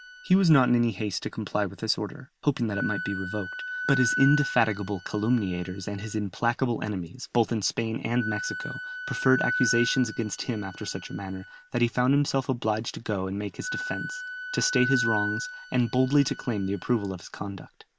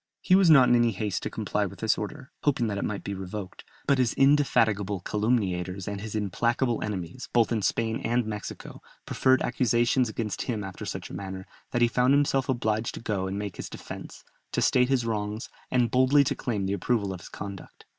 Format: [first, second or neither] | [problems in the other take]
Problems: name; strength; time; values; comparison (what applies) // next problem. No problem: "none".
second | background sound (Wind instrument, woodwind instrument); 9 dB below the speech